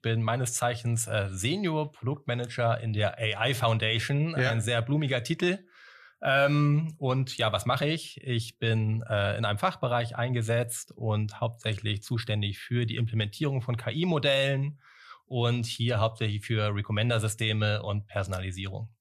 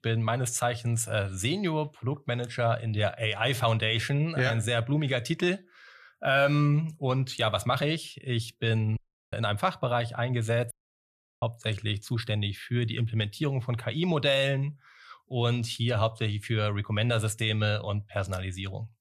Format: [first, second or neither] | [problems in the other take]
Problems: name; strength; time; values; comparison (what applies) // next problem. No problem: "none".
first | audio cutting out; at 9 s and at 11 s for 0.5 s